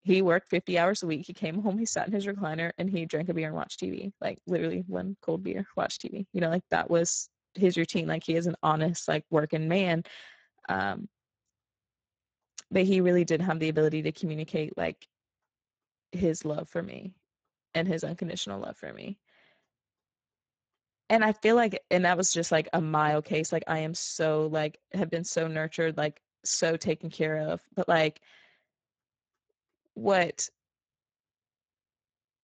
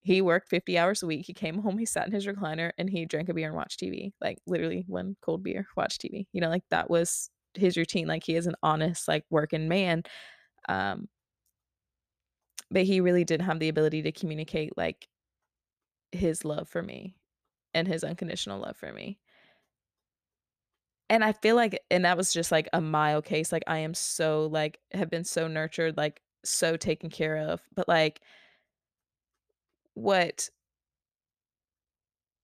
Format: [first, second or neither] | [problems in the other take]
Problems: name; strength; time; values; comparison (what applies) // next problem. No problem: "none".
second | garbled, watery; badly; nothing above 7.5 kHz